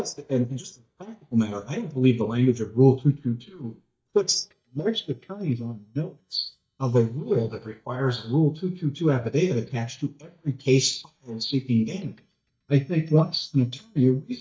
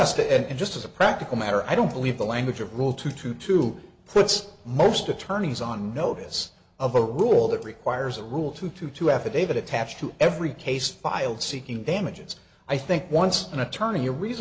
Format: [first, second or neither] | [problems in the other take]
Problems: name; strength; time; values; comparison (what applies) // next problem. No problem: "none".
second | noise reduction (neural mask model DeepFilterNet 3)